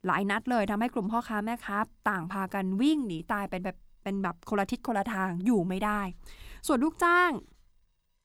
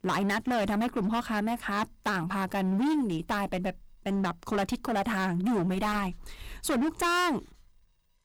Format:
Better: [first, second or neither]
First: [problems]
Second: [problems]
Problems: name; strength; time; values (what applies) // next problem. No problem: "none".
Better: first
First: none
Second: distortion; heavy; 17% of the sound clipped